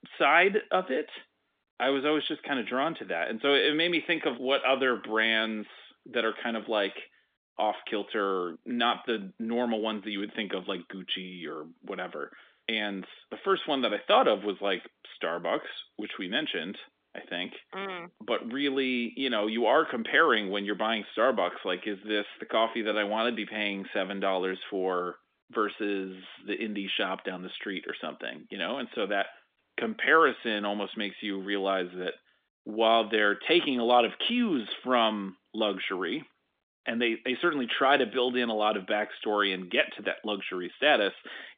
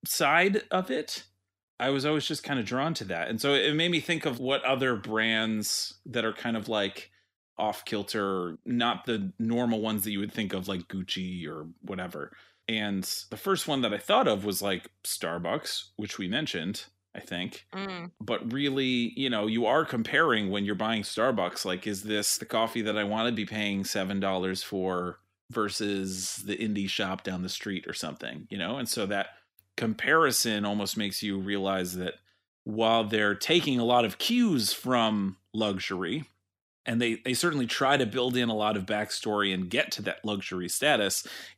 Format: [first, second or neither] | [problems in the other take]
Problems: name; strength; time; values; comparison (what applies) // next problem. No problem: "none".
second | phone-call audio; nothing above 3.5 kHz